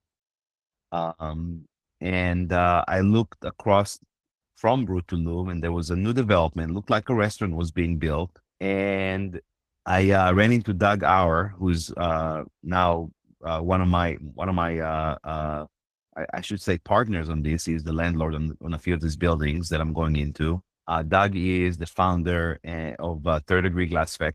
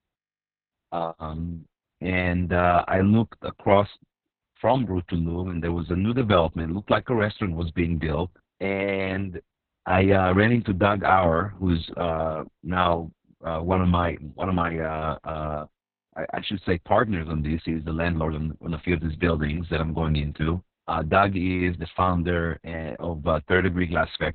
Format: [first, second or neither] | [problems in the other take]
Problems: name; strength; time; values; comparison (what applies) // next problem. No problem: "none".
first | garbled, watery; badly; nothing above 4 kHz; slightly in the first